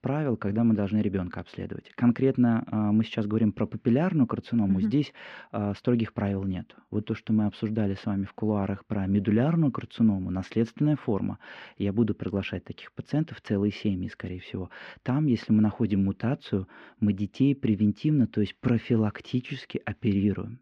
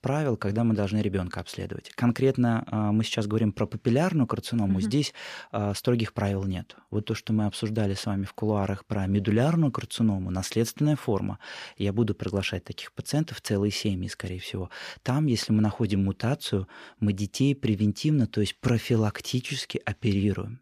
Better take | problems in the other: second | muffled; slightly; fading above 2.5 kHz

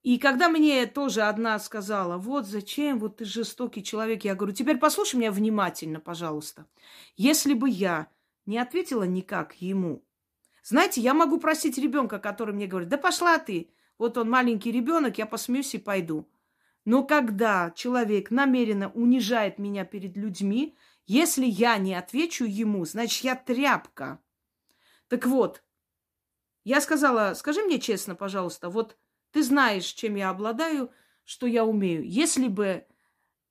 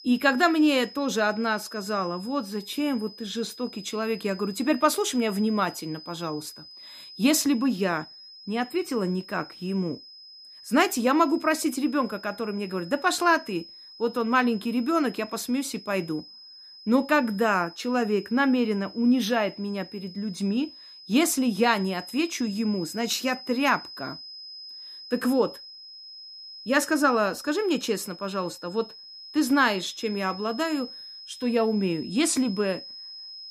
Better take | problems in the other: first | high-pitched whine; noticeable; throughout; 5 kHz, 15 dB below the speech

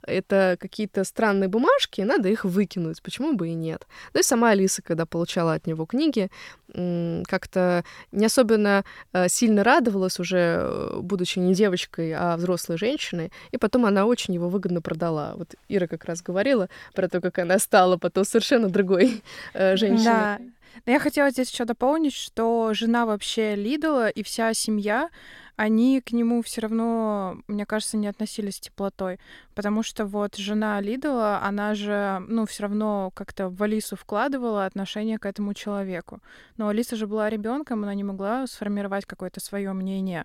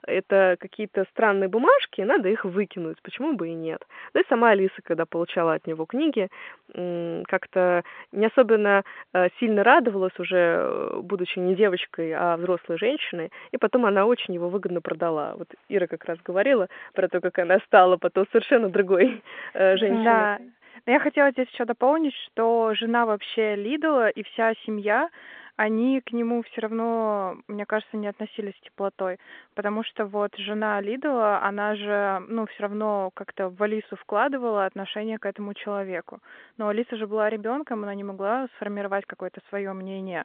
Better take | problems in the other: first | phone-call audio; nothing above 3.5 kHz

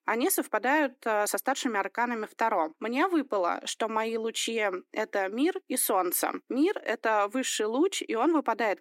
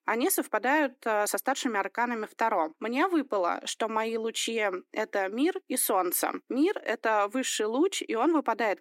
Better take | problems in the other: neither | thin; very slightly; fading below 300 Hz; the same in both

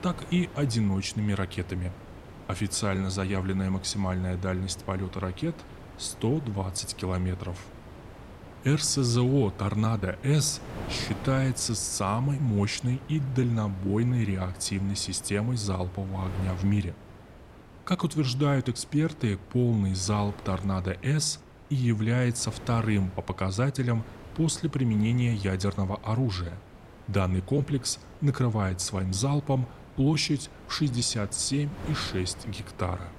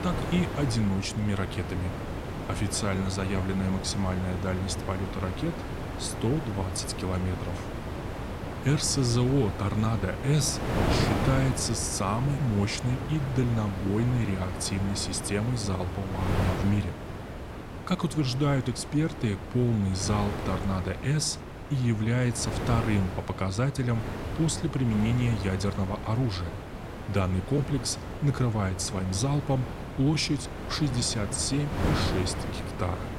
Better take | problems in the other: first | wind noise on the microphone; heavy; 4 dB below the speech; occasional gusts in the first

